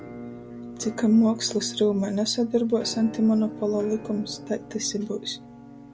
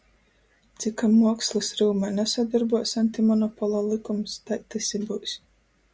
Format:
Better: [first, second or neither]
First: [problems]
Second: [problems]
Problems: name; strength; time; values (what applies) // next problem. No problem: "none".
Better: second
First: background sound (Musical instrument); 14 dB below the speech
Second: none